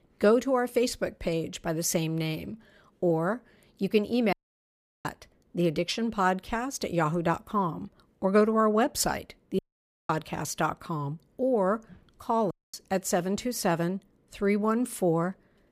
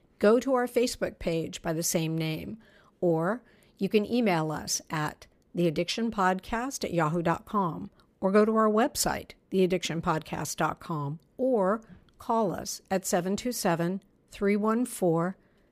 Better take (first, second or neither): second